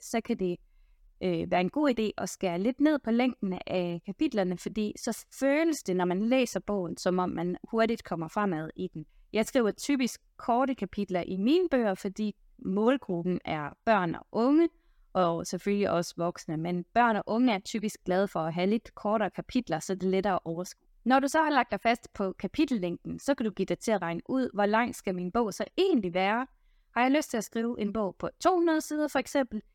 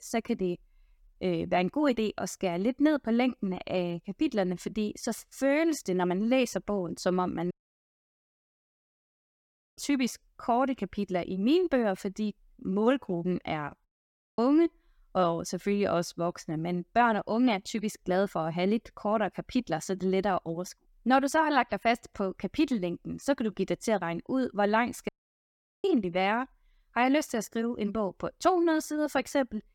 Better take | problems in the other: first | audio cutting out; at 7.5 s for 2.5 s, at 14 s for 0.5 s and at 25 s for 1 s

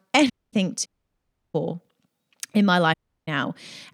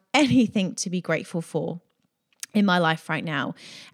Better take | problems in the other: second | audio cutting out; at 0.5 s, at 1 s for 0.5 s and at 3 s

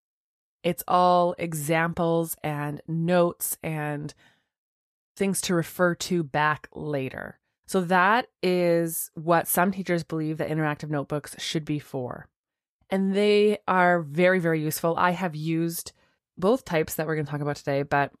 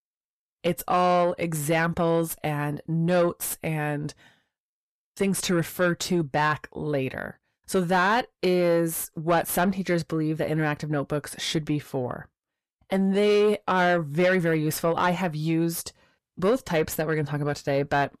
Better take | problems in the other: first | distortion; slight; 10 dB below the speech

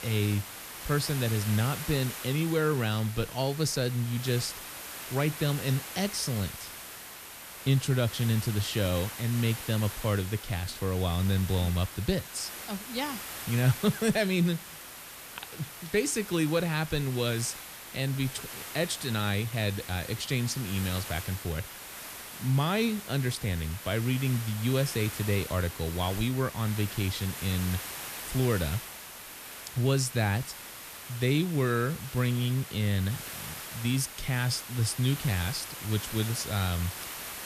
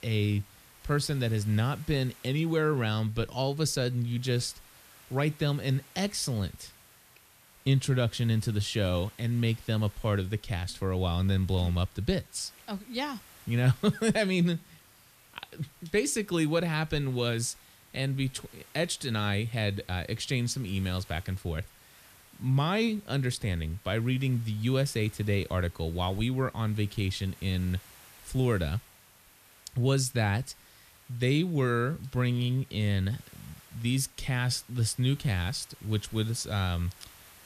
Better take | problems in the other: second | hiss; loud; throughout; 9 dB below the speech; faint in the second

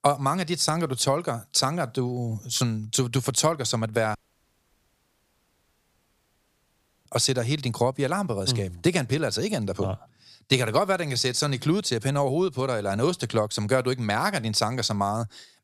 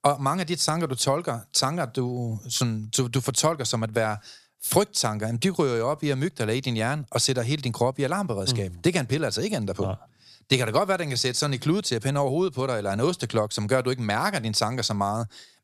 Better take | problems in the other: second | audio cutting out; at 4 s for 3 s

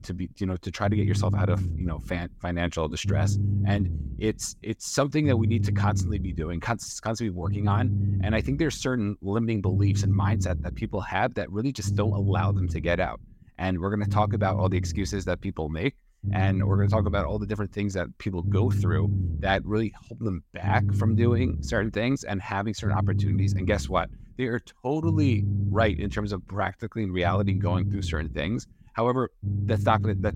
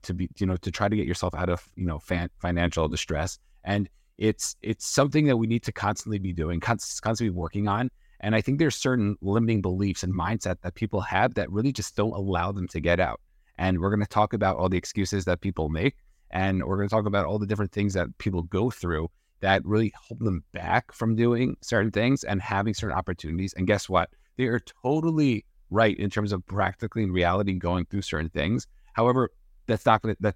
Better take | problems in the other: second | low rumble; noticeable; throughout; 10 dB below the speech

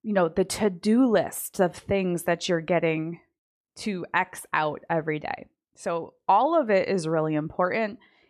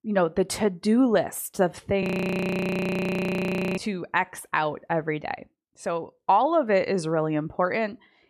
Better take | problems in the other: first | audio freezing; at 2 s for 1.5 s

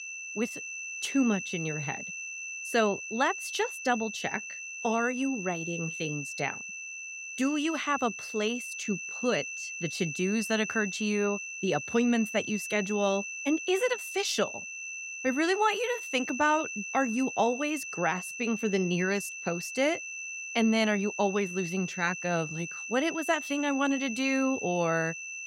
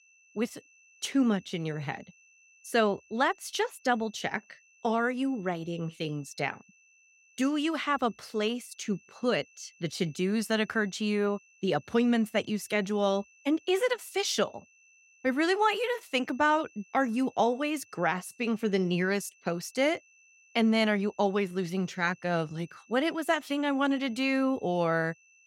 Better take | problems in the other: second | high-pitched whine; loud; throughout; 2.5 kHz, 6 dB below the speech; faint in the second

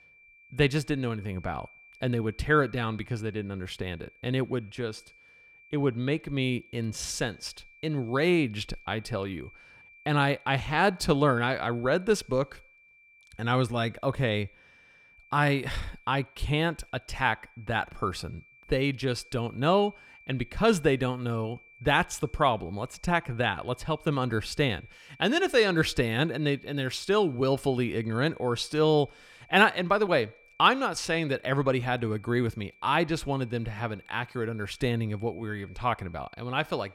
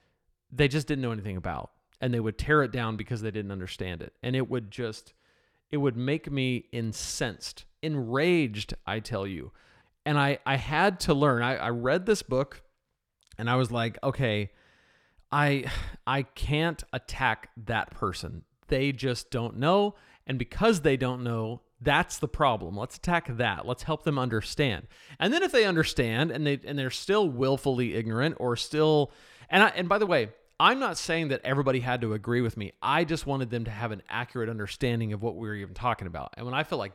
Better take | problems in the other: second | high-pitched whine; faint; throughout; 2.5 kHz, 25 dB below the speech

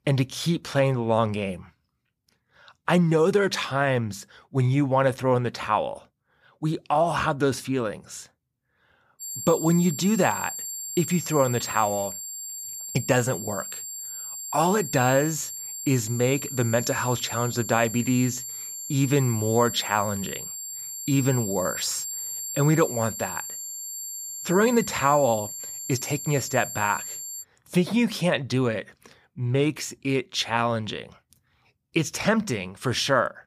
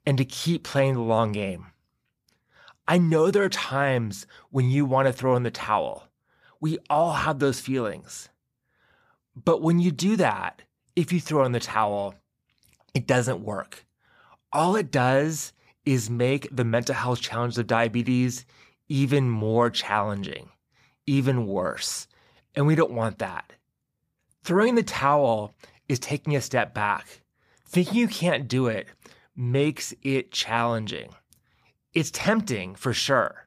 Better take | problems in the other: second | high-pitched whine; loud; from 9 to 27 s; 7.5 kHz, 7 dB below the speech

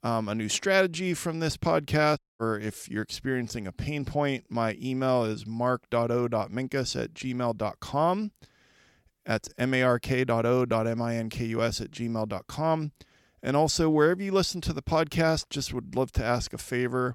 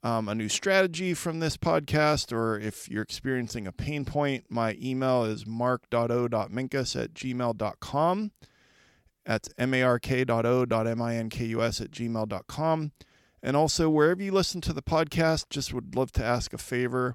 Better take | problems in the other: second | audio cutting out; at 2 s

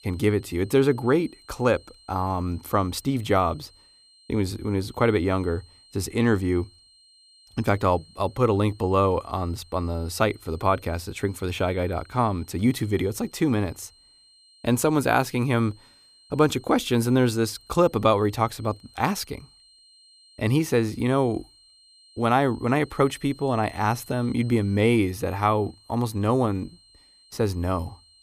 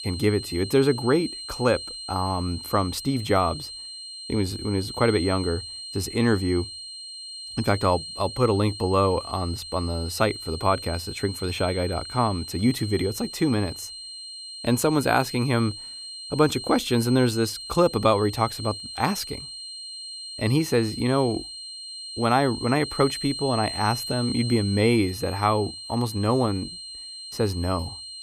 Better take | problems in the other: first | high-pitched whine; loud; throughout; 4 kHz, 10 dB below the speech; faint in the first

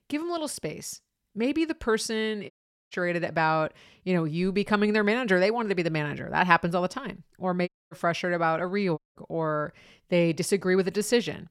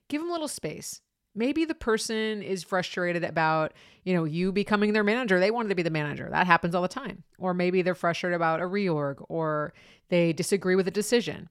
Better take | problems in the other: second | audio cutting out; at 2.5 s, at 7.5 s and at 9 s

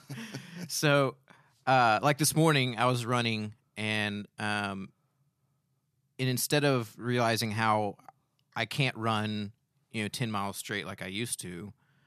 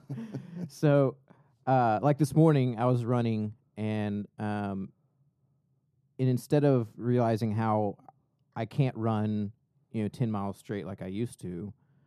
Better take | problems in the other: first | muffled; slightly; fading above 1 kHz

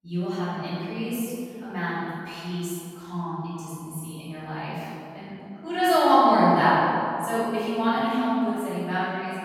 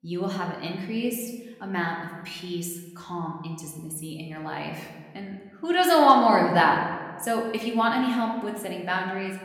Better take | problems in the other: second | room echo; strong; dies away in 2.4 s; slight in the second // off-mic speech; far; somewhat distant in the second

